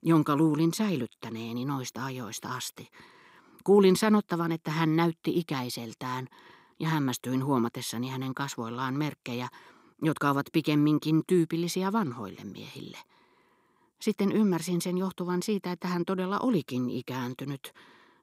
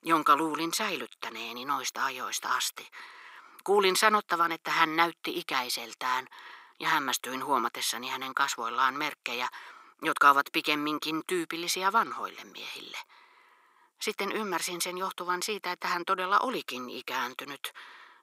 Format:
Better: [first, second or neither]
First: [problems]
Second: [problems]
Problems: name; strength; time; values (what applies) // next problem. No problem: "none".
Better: first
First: none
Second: thin; very; fading below 650 Hz